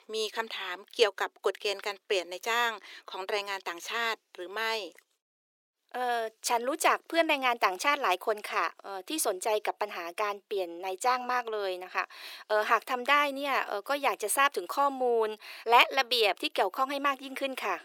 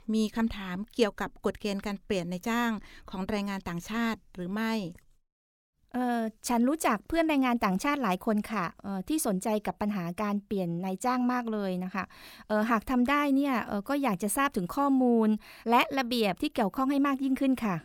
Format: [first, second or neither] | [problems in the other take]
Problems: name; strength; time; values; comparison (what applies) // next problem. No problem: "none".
second | thin; very; fading below 350 Hz